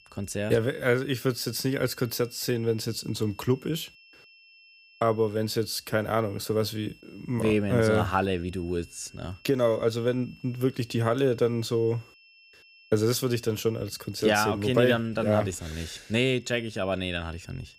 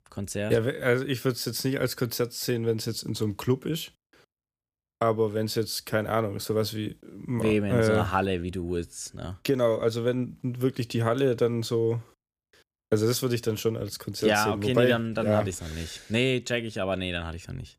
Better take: second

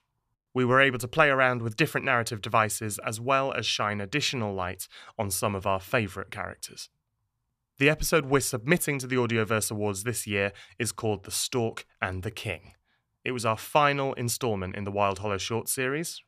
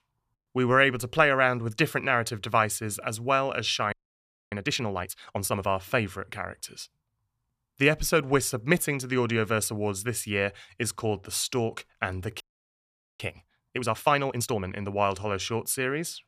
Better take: first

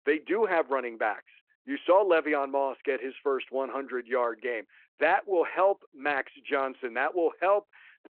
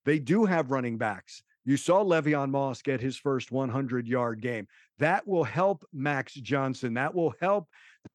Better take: second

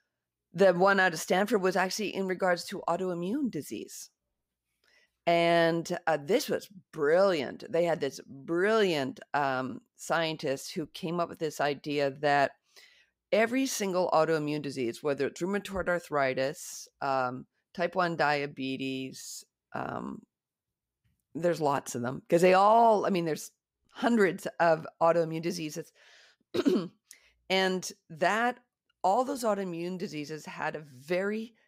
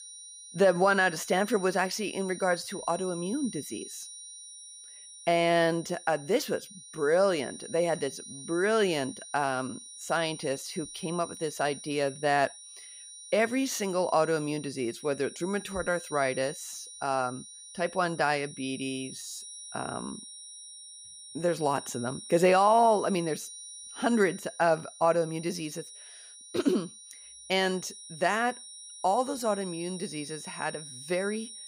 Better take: first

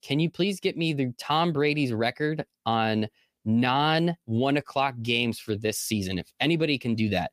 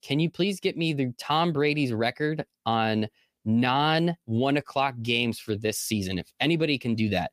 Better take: neither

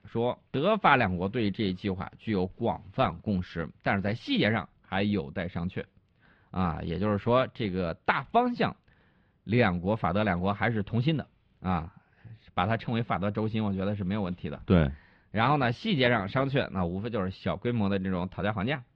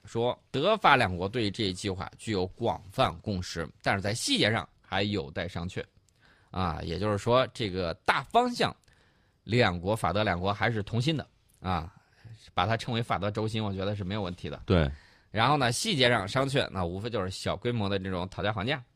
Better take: second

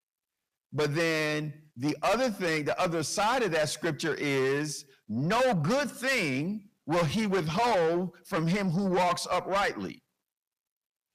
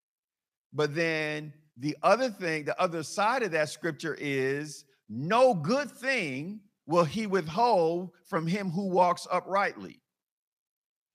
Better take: second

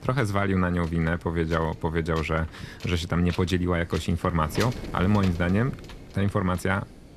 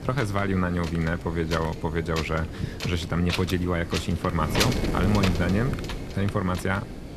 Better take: first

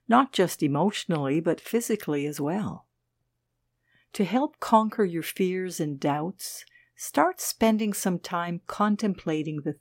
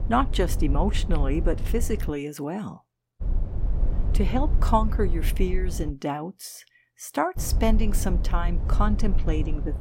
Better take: first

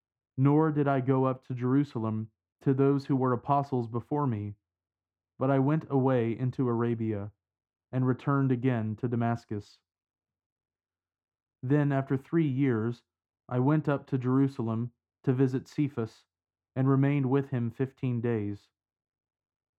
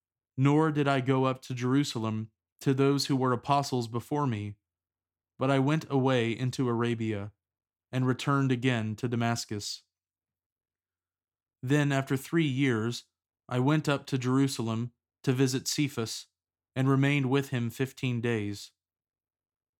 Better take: second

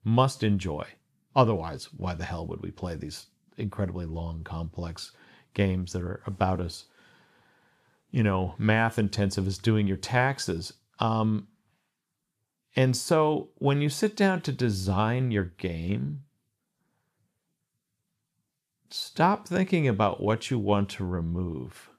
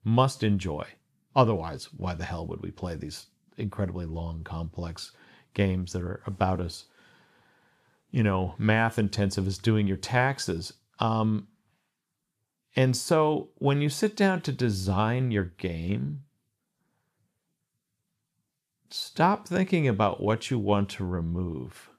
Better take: neither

